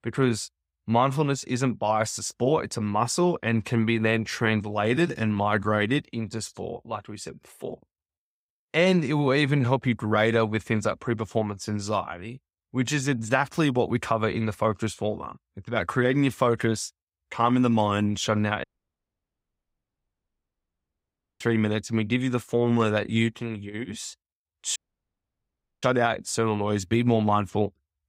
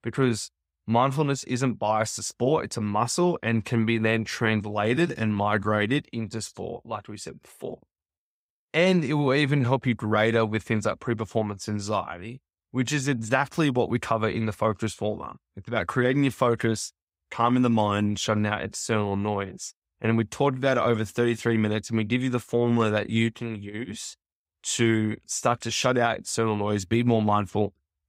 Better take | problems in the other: second | audio cutting out; at 19 s for 3 s and at 25 s for 1 s

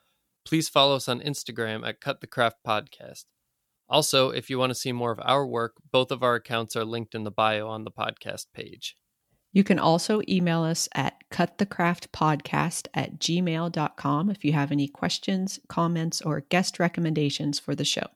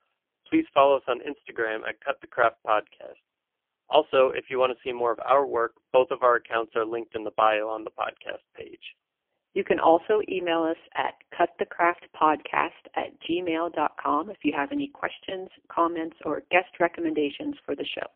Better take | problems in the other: first | phone-call audio; poor line; nothing above 3.5 kHz

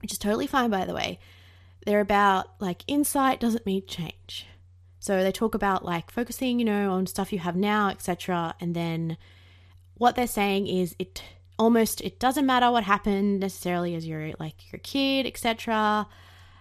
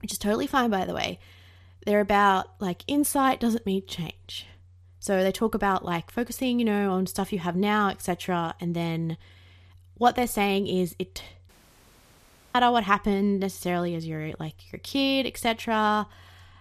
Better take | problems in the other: first | audio cutting out; at 11 s for 1 s

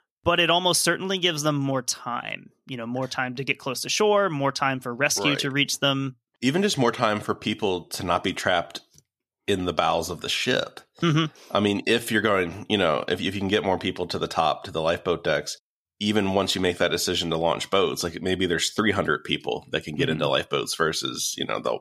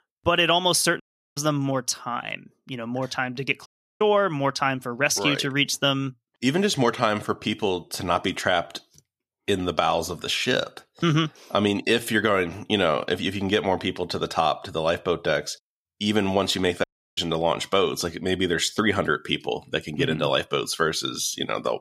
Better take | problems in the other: first | audio cutting out; at 1 s, at 3.5 s and at 17 s

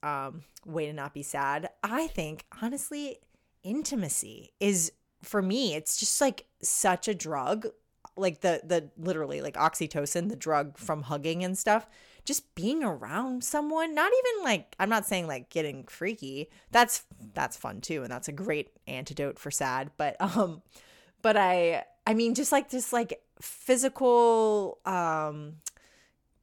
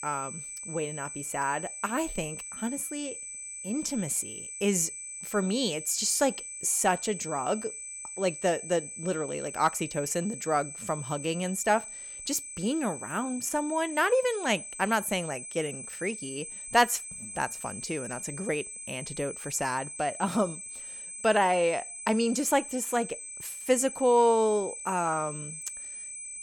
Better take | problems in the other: first | high-pitched whine; loud; throughout; 8 kHz, 9 dB below the speech

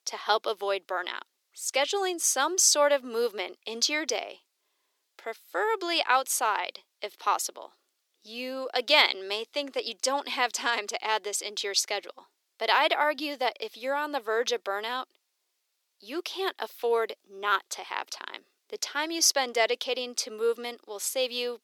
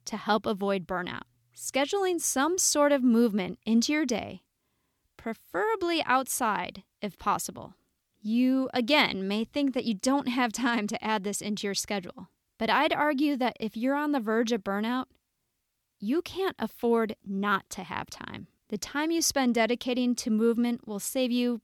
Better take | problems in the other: second | thin; very; fading below 400 Hz

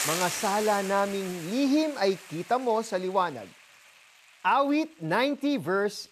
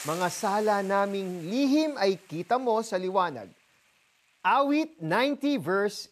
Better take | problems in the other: second | hiss; loud; throughout; 10 dB below the speech; faint in the second

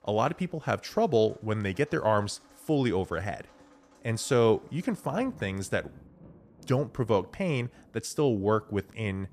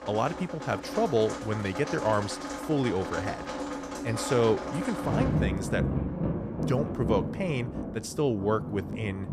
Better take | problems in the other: first | rain or running water; loud; throughout; 4 dB below the speech; faint in the first

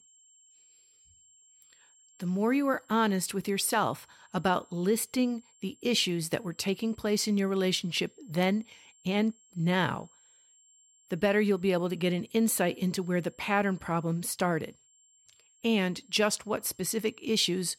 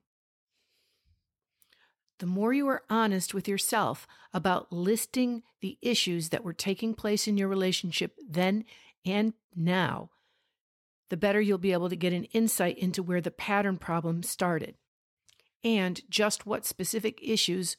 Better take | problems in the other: second | high-pitched whine; faint; throughout; 7.5 kHz, 30 dB below the speech

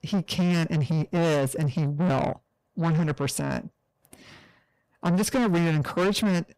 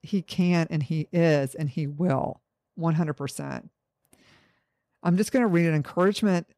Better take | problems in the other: second | distortion; heavy; 7 dB below the speech

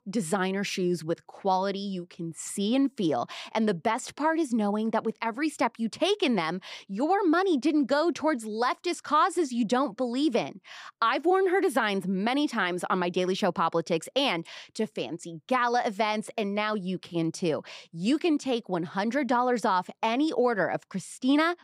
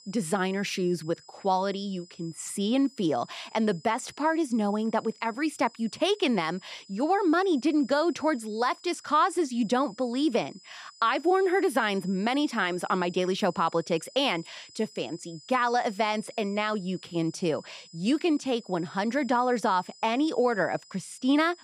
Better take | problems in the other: first | high-pitched whine; faint; throughout; 5 kHz, 25 dB below the speech

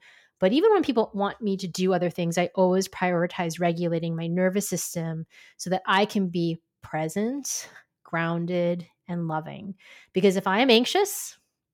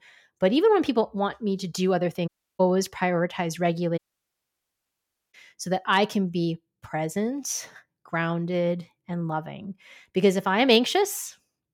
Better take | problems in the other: first | audio cutting out; at 2.5 s and at 4 s for 1.5 s

